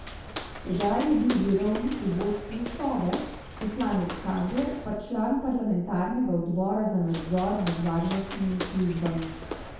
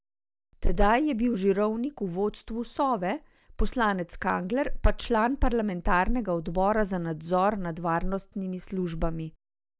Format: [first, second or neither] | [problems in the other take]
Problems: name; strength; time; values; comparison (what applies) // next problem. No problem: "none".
second | background sound (Walk, footsteps); 11 dB below the speech // room echo; dies away in 0.8 s